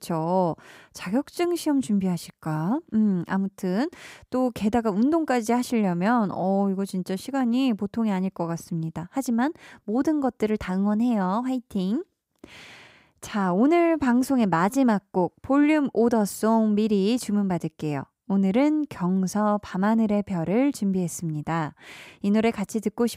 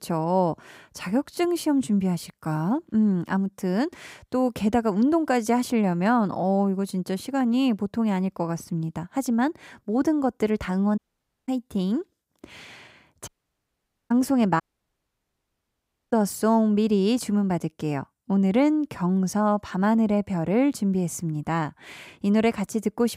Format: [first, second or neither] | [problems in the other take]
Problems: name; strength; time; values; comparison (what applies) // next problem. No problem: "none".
first | audio cutting out; at 11 s for 0.5 s, at 13 s for 1 s and at 15 s for 1.5 s